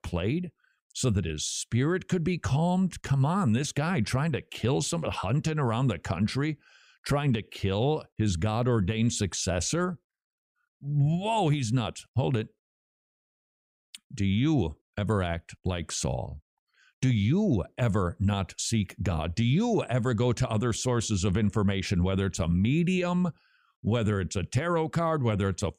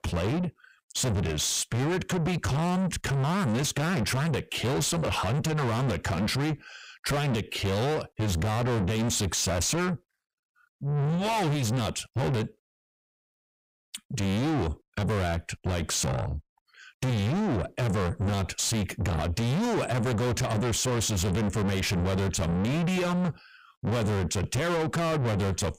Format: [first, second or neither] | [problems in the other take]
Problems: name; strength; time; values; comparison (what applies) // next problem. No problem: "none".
first | distortion; heavy; 6 dB below the speech